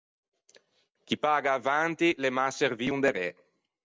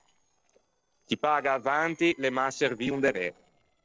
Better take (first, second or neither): first